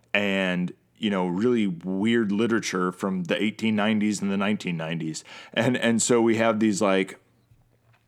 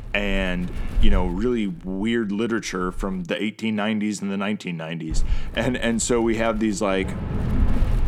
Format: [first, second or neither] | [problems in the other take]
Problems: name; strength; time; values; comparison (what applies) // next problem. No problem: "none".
first | wind noise on the microphone; occasional gusts; until 3 s and from 5 s on; 15 dB below the speech